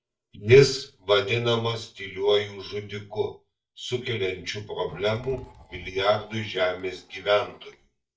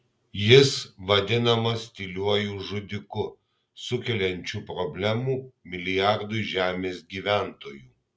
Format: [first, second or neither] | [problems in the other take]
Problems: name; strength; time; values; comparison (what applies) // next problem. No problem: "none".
second | noise reduction (neural mask model DeepFilterNet 3)